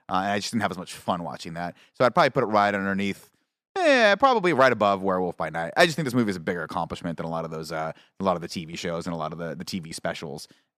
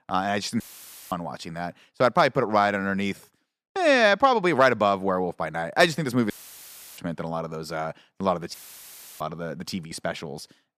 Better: first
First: none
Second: audio cutting out; filled with static; at 0.5 s for 0.5 s, at 6.5 s for 0.5 s and at 8.5 s for 0.5 s

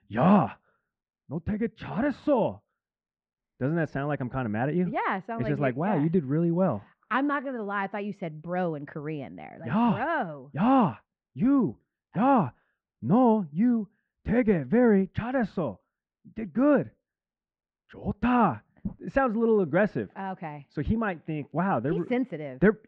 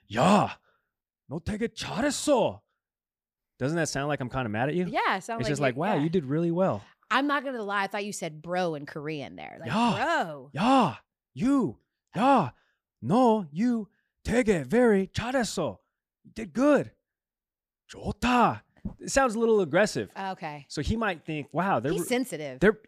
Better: second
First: muffled; very; fading above 2 kHz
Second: none

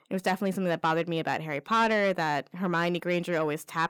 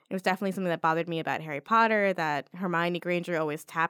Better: second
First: distortion; slight; 10 dB below the speech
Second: none

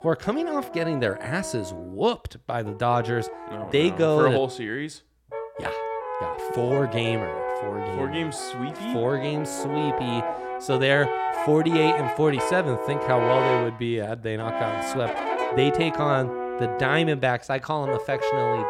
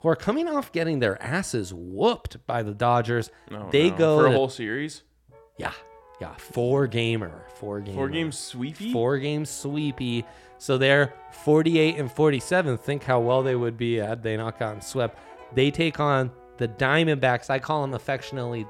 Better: second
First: background music; loud; throughout; 4 dB below the speech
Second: background music; faint; throughout; 25 dB below the speech

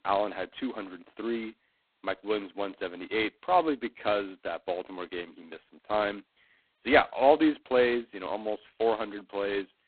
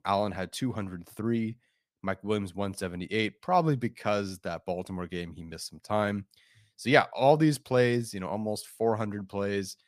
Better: second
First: phone-call audio; poor line; nothing above 4 kHz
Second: none

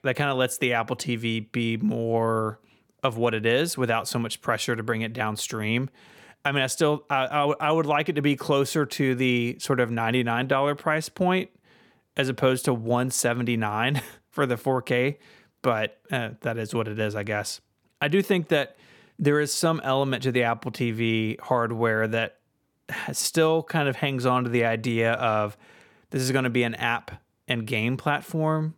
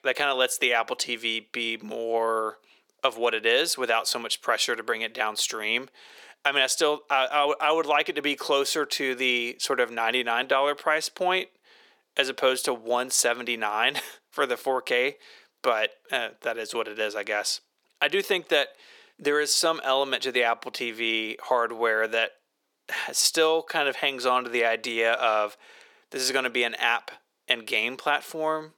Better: first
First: none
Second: thin; very; fading below 400 Hz

